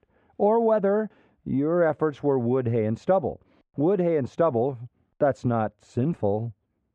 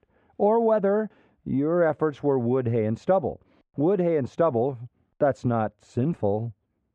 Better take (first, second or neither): neither